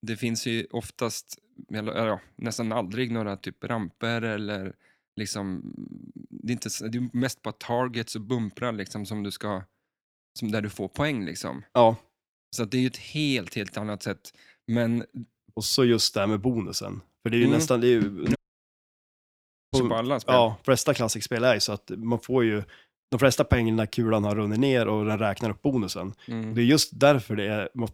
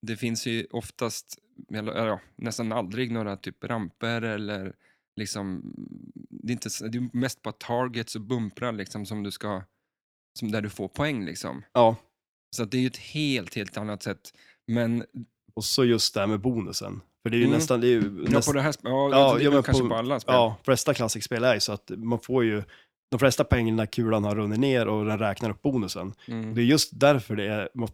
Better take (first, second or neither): second